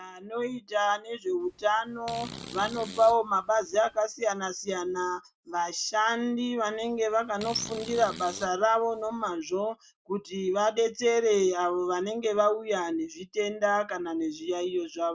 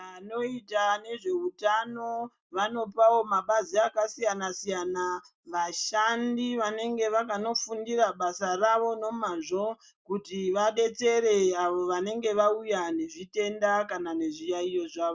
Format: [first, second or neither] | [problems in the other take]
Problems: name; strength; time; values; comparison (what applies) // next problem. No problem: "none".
second | background sound (Fart); 16 dB below the speech